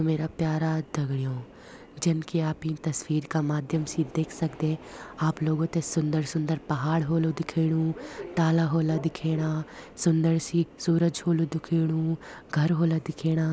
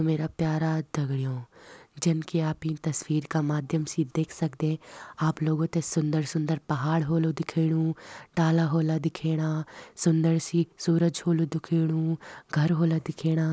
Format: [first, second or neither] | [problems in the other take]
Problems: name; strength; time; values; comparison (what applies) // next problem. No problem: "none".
second | background sound (Subway, metro, underground); 20 dB below the speech